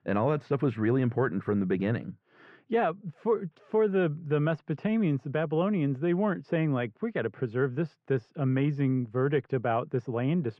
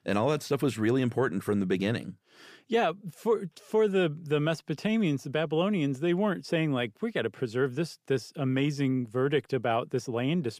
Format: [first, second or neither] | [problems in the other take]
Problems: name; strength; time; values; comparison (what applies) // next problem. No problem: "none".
second | muffled; very; fading above 1.5 kHz